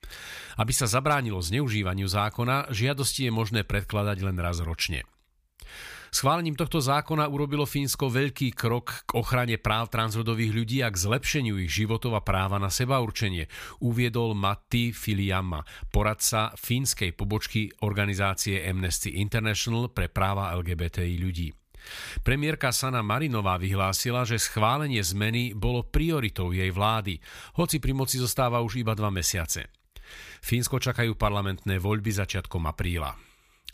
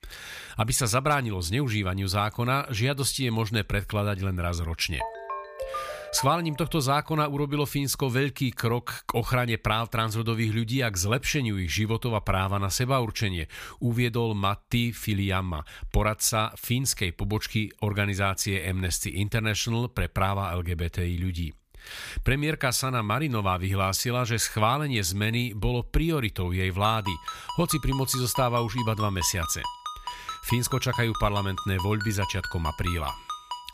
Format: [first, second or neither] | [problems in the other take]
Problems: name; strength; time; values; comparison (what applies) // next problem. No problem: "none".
first | phone ringing; noticeable; from 5 to 6.5 s and from 27 s on; peak 7 dB below the speech